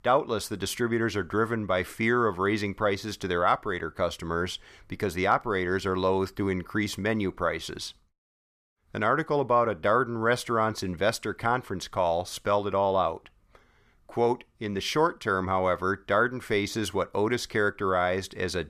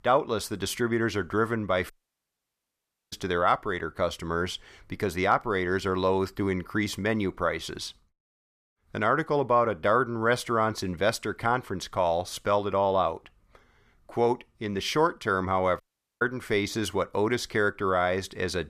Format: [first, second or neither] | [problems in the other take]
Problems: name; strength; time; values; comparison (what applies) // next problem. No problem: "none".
first | audio cutting out; at 2 s for 1 s and at 16 s